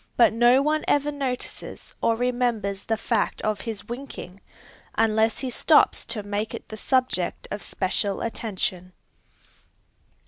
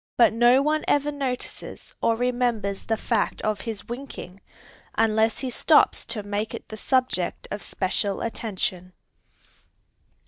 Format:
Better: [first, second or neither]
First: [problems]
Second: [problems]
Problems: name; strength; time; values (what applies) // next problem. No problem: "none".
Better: first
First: none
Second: noise reduction (neural mask model DeepFilterNet 3)